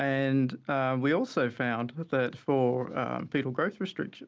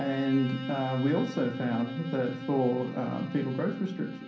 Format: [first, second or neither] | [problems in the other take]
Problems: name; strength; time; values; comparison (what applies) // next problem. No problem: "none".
first | background sound (Bowed string instrument); 9 dB below the speech // room echo; dies away in 0.6 s